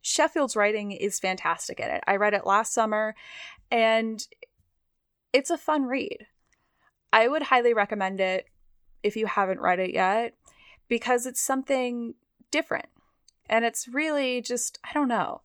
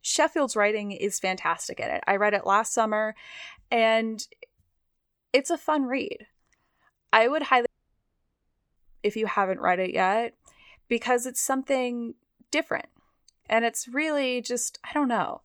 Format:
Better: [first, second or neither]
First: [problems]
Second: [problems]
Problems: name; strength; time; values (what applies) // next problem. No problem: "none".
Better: first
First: none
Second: audio cutting out; at 7.5 s for 1 s